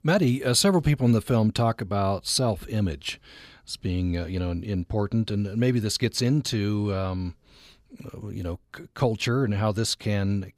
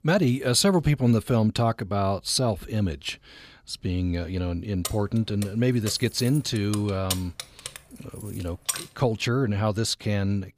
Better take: first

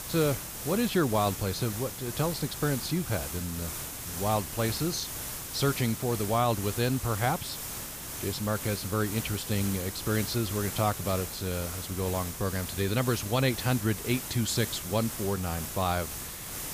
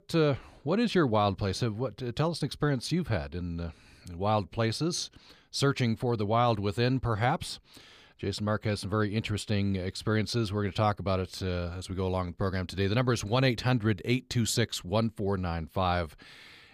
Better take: second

